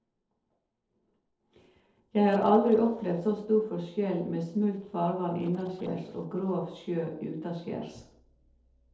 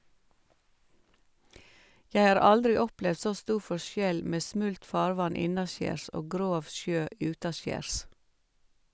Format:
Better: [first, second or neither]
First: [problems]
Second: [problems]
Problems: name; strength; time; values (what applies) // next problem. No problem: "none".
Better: second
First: noise reduction (neural separator model SepFormer DNS4)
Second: none